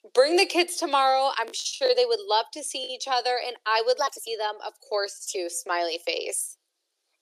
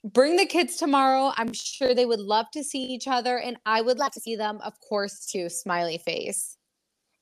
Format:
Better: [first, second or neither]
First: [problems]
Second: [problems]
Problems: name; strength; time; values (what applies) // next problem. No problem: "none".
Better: second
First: thin; very; fading below 350 Hz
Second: none